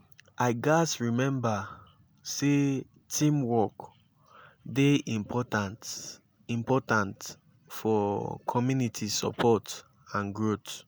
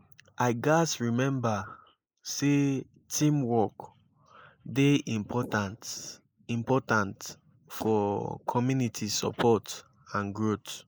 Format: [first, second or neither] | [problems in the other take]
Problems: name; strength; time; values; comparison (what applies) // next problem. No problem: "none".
first | noise reduction (neural mask model Resemble Enhance denoiser)